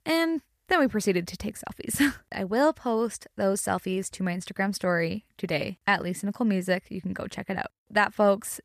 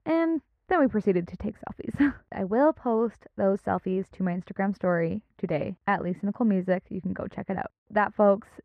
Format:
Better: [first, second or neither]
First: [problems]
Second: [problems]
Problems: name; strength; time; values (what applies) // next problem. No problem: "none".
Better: first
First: none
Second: muffled; very; fading above 3.5 kHz